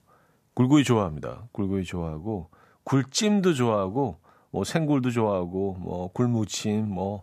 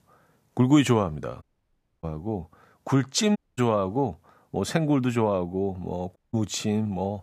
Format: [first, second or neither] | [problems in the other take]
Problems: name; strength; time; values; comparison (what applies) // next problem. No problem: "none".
first | audio cutting out; at 1.5 s for 0.5 s, at 3.5 s and at 6 s